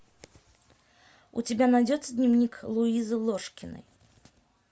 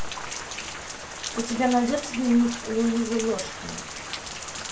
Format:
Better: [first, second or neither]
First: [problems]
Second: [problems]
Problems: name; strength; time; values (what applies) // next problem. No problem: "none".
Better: first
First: none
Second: background sound (Rain); 8 dB below the speech // room echo; dies away in 0.3 s